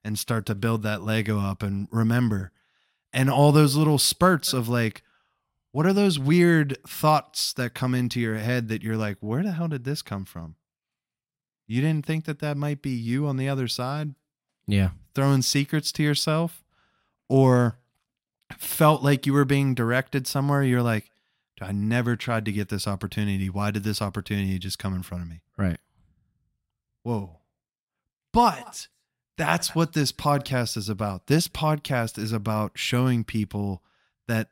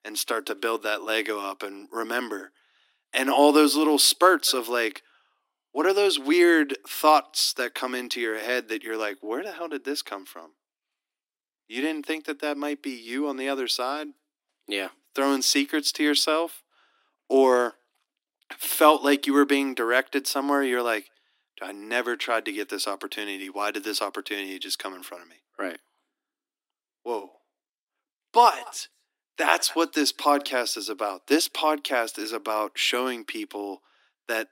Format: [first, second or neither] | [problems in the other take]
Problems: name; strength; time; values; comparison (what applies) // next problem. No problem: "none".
first | thin; somewhat; fading below 300 Hz